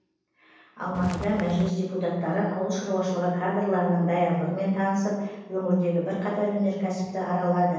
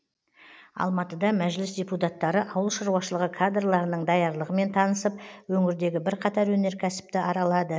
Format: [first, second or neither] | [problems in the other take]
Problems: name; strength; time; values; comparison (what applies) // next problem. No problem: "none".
second | background sound (Walk, footsteps); 9 dB below the speech // room echo; dies away in 1.1 s